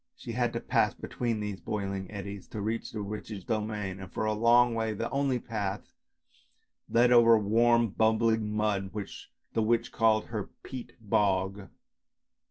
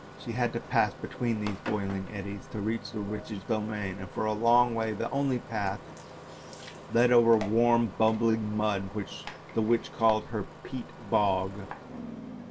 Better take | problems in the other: first | background sound (Engine starting + Engine); 14 dB below the speech

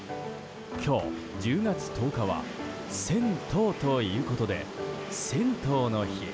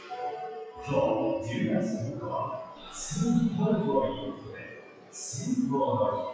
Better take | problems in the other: first | noise reduction (classical method WPE with log-MMSE)

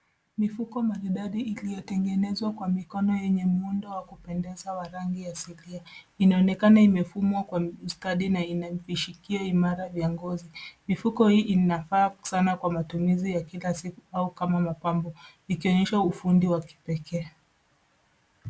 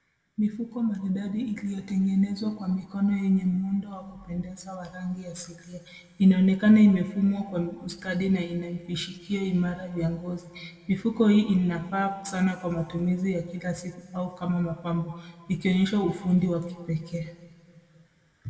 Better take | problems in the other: first | room echo; dies away in 1.6 s

